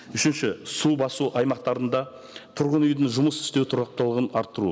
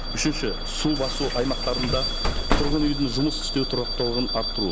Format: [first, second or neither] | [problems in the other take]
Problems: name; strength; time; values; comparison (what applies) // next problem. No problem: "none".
first | background sound (Bus / Alarm); as loud as the speech